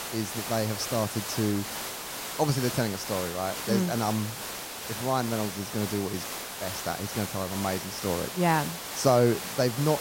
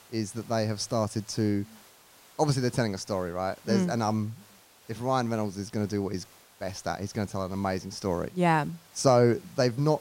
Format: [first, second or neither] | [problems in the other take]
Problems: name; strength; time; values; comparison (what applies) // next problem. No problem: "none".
second | hiss; loud; throughout; 5 dB below the speech; faint in the second